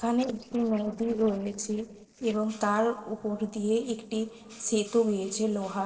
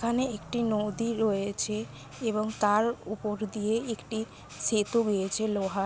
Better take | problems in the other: second | noise reduction (neural separator model SepFormer DNS4)

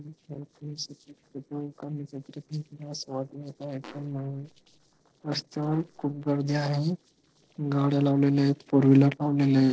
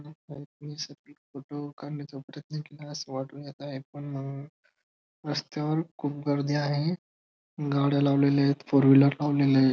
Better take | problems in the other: second | noise reduction (neural separator model SepFormer DNS4)

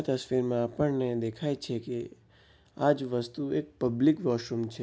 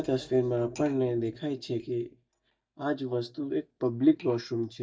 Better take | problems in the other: first | noise reduction (neural mask model DeepFilterNet 3)

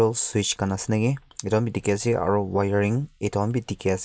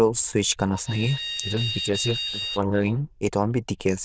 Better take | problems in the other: first | noise reduction (neural diffusion model UNIVERSE++)

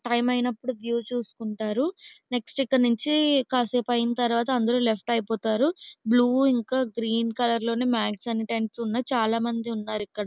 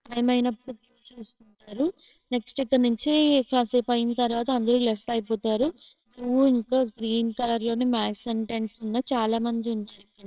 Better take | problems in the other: first | noise reduction (neural separator model SepFormer WHAMR!)

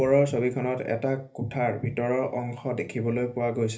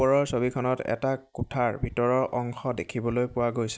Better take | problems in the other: second | room echo; dies away in 0.3 s

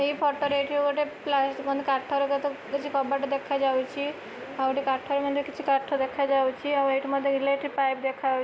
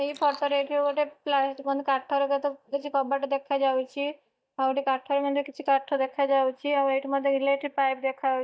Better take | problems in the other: first | noise reduction (neural mask model DeepFilterNet 3)

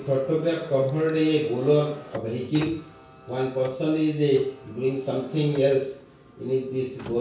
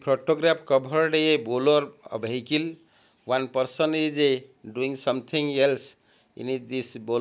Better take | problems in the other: second | background sound (Car); 19 dB below the speech // room echo; dies away in 0.6 s

